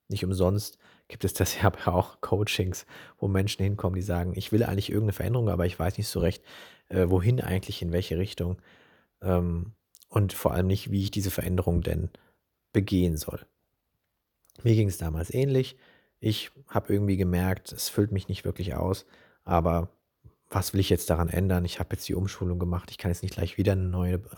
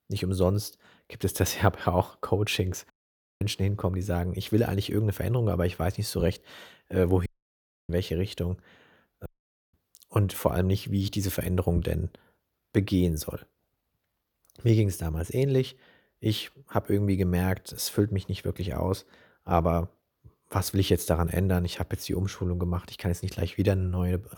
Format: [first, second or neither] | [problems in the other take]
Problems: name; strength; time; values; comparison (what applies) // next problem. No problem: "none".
first | audio cutting out; at 3 s for 0.5 s, at 7.5 s for 0.5 s and at 9.5 s